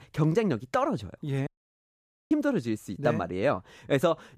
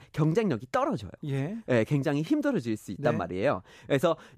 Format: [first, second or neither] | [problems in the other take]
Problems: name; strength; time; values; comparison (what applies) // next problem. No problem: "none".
second | audio cutting out; at 1.5 s for 1 s